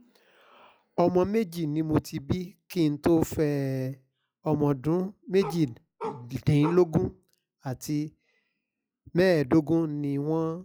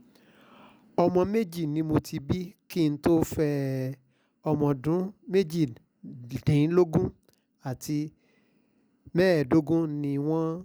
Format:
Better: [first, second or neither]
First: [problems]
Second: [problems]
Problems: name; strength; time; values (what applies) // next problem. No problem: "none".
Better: second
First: noise reduction (classical method log-MMSE)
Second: none